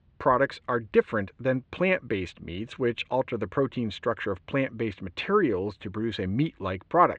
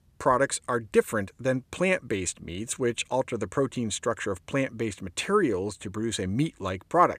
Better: second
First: muffled; very; fading above 3.5 kHz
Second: none

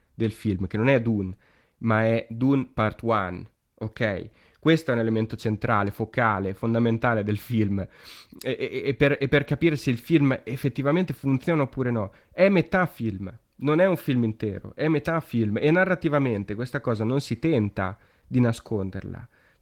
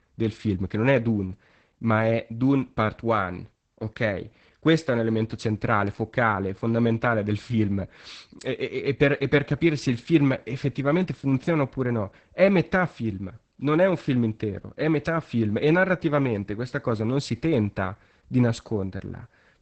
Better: first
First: garbled, watery; slightly; nothing above 17.5 kHz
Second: garbled, watery; badly; nothing above 8 kHz

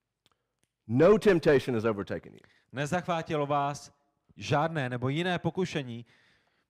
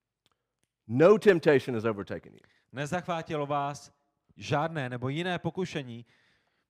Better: second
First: distortion; slight; 10 dB below the speech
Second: none

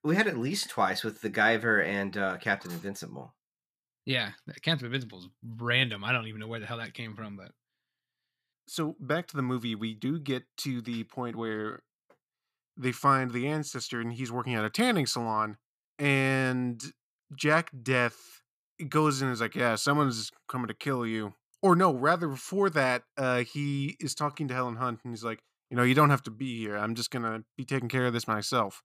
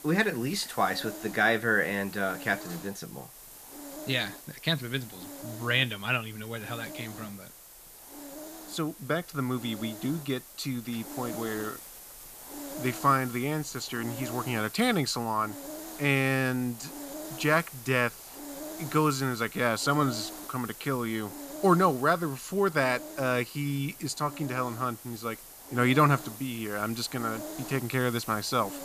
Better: first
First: none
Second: hiss; noticeable; throughout; 15 dB below the speech

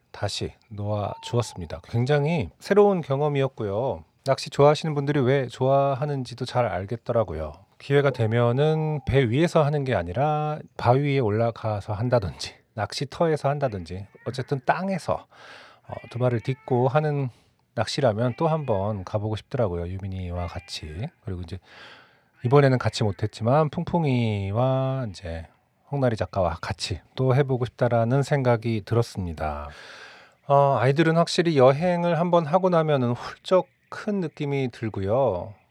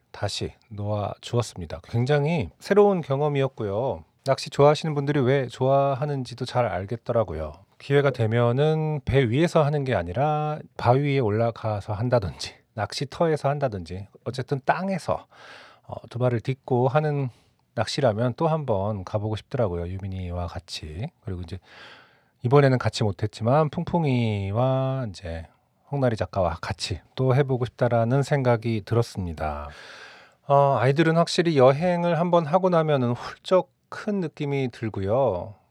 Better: second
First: animal sounds; faint; throughout; 30 dB below the speech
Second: none

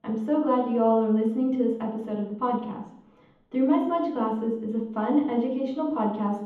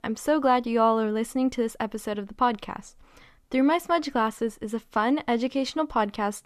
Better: second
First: room echo; noticeable; dies away in 0.8 s // off-mic speech; far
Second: none

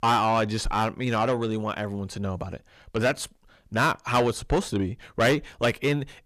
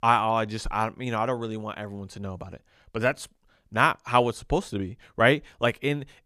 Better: second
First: distortion; heavy; 7 dB below the speech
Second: none

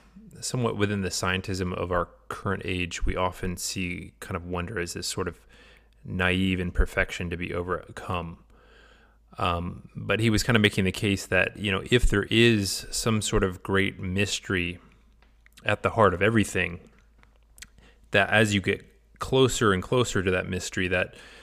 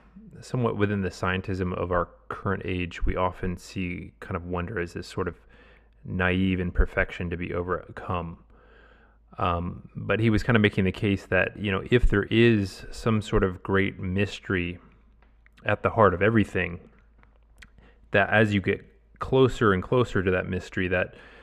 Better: first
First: none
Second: muffled; slightly; fading above 3.5 kHz

